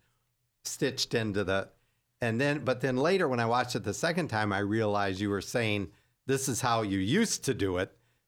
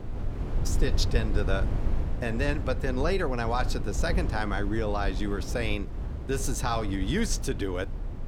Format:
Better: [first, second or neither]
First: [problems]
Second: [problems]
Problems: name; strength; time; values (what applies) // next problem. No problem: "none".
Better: first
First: none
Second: wind noise on the microphone; occasional gusts; 10 dB below the speech